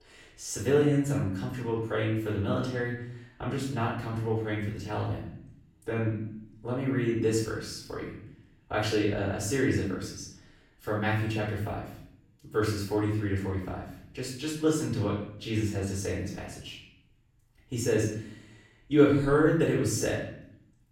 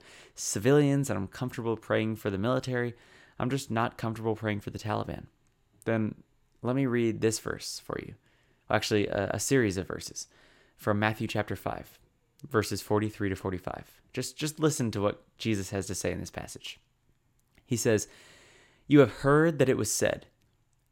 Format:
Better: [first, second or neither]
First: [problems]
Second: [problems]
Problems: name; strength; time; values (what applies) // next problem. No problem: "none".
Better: second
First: off-mic speech; far // room echo; noticeable; dies away in 0.7 s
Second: none